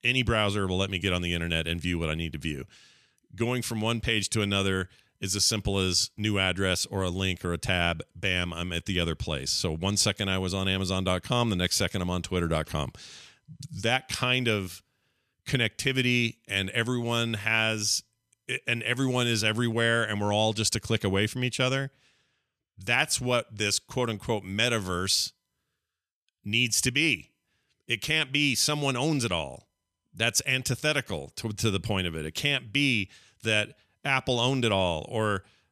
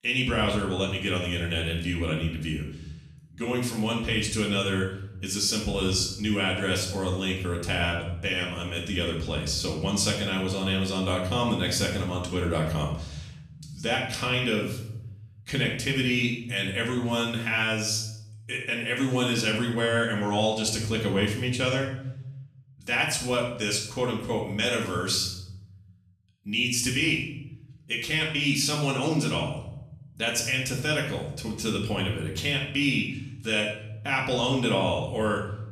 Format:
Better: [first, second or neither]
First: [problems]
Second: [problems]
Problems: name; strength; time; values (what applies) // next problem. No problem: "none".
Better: first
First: none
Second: room echo; noticeable; dies away in 0.9 s // off-mic speech; far